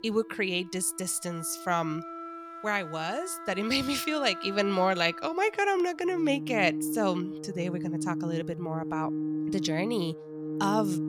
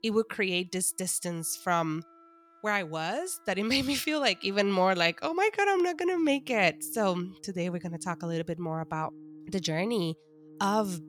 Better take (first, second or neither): second